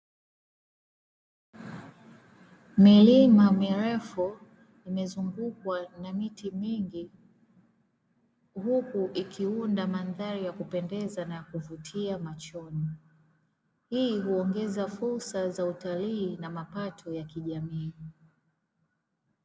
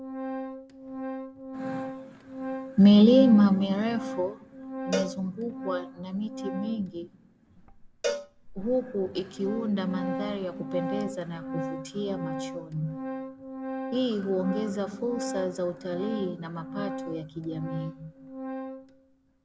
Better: first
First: none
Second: background sound (Cowbell + Organ); 8 dB below the speech

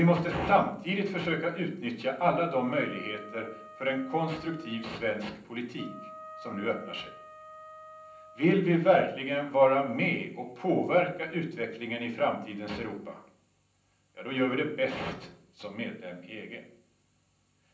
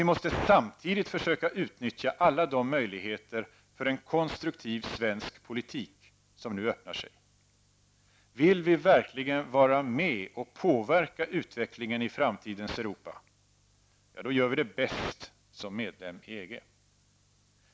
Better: second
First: background sound (Wind instrument, woodwind instrument); 17 dB below the speech // room echo; dies away in 0.6 s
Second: none

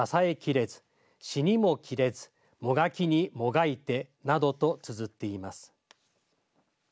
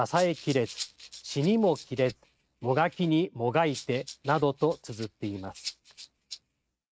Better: first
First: none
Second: noise reduction (neural mask model RNNoise)

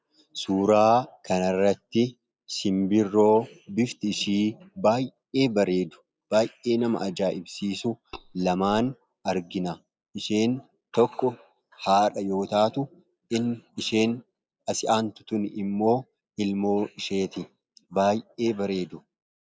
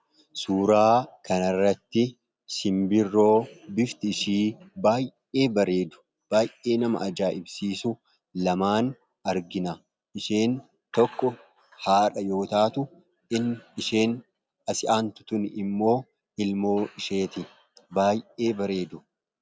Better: second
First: noise reduction (neural mask model Resemble Enhance denoiser)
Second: none

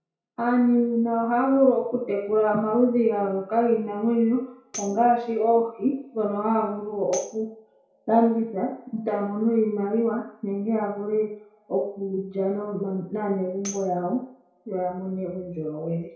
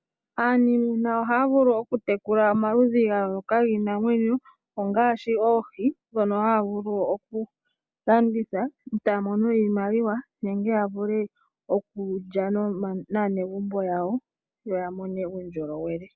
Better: second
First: background sound (Tambourine); 19 dB below the speech // room echo; dies away in 0.6 s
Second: none

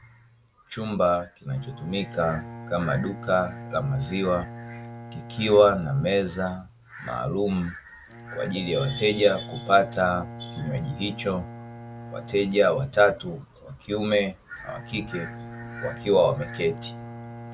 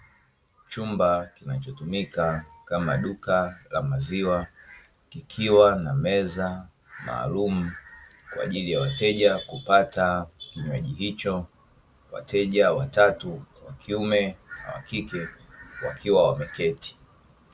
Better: second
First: background sound (Bowed string instrument); 15 dB below the speech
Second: none

